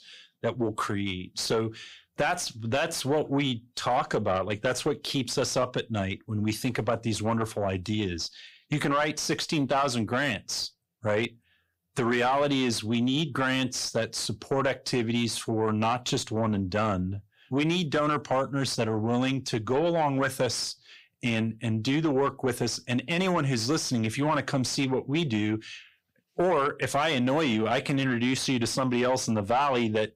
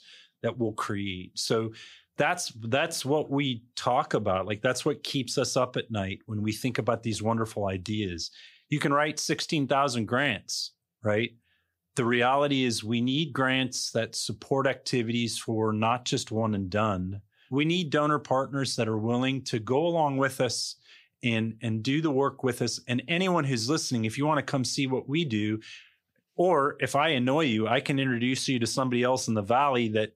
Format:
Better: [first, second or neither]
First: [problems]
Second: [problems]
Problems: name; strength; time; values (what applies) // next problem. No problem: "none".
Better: second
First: distortion; slight; 10 dB below the speech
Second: none